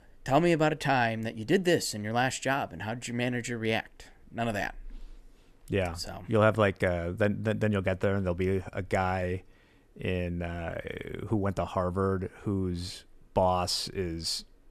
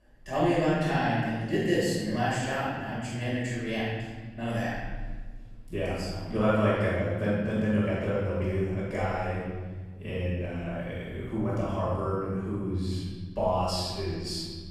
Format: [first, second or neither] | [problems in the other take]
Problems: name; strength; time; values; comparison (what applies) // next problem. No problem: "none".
first | off-mic speech; far // room echo; strong; dies away in 1.9 s